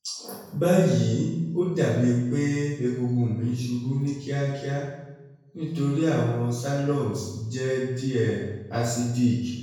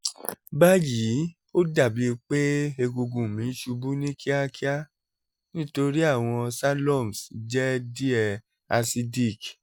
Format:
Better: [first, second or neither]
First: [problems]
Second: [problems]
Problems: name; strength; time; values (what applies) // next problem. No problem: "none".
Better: second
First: room echo; dies away in 1 s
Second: none